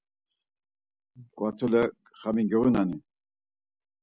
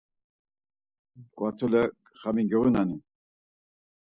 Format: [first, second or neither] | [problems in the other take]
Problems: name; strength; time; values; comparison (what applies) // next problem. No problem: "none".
first | noise reduction (neural mask model Resemble Enhance denoiser)